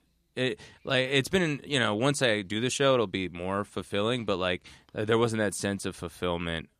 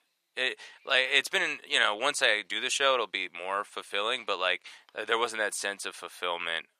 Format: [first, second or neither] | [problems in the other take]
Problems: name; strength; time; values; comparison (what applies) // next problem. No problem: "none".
first | thin; very; fading below 750 Hz